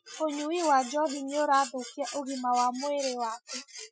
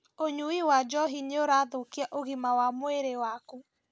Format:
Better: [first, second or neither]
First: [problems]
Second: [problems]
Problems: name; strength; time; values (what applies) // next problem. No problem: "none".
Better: second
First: noise reduction (classical method Wiener filter)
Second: none